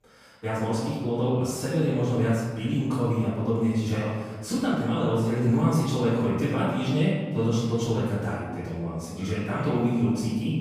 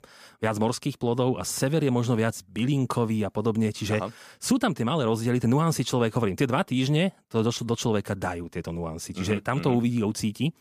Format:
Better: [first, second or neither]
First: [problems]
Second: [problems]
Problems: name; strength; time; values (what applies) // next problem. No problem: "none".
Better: second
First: off-mic speech; far // room echo; strong; dies away in 1.5 s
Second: none